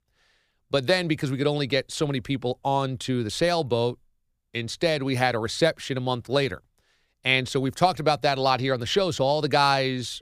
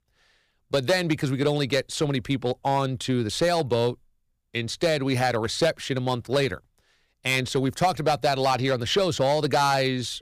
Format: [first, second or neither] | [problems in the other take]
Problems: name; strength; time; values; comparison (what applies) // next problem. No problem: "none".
first | distortion; slight; 4% of the sound clipped